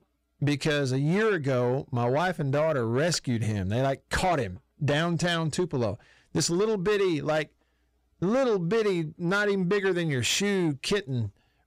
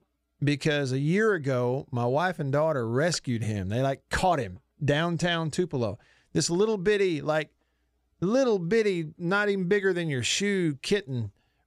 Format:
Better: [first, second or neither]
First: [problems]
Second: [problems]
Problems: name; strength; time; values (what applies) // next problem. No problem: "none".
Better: second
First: distortion; slight; 10 dB below the speech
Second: none